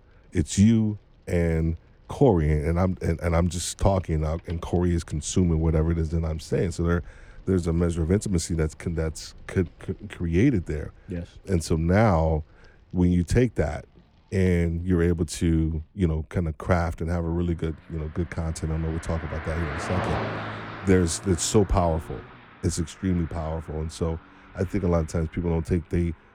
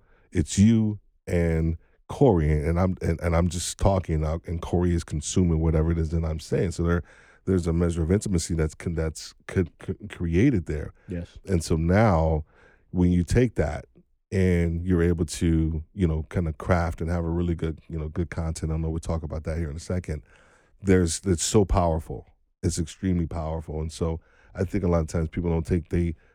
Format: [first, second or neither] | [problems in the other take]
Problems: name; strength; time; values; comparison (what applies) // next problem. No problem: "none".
second | traffic noise; noticeable; throughout; 15 dB below the speech